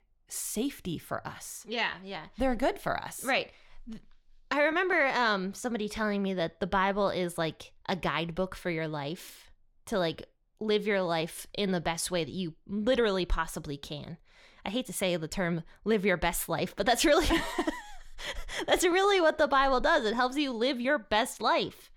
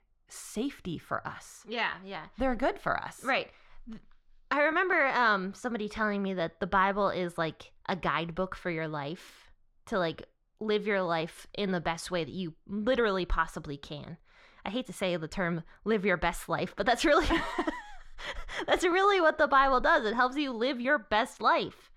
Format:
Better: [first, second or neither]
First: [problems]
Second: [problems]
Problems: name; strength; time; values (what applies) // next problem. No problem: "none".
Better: first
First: none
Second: muffled; very slightly; fading above 4 kHz